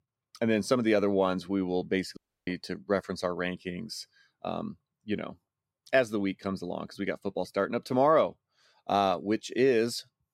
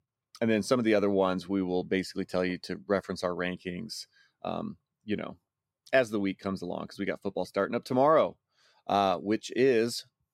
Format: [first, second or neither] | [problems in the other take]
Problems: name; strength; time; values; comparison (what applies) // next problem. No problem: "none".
second | audio cutting out; at 2 s